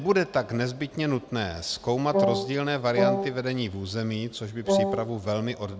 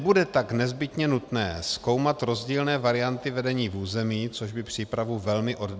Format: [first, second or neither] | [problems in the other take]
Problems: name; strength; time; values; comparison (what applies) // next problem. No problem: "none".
second | background sound (Wind instrument, woodwind instrument); 2 dB above the speech